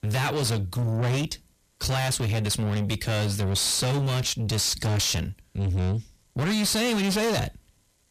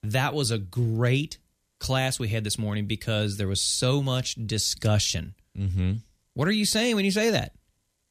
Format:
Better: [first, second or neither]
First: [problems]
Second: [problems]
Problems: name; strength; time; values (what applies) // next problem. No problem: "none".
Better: second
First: distortion; heavy; 6 dB below the speech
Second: none